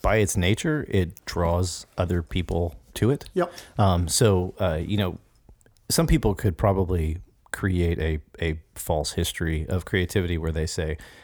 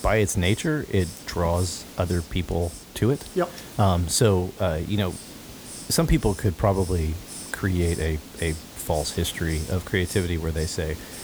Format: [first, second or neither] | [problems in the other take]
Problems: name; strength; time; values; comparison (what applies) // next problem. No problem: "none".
first | hiss; noticeable; throughout; 15 dB below the speech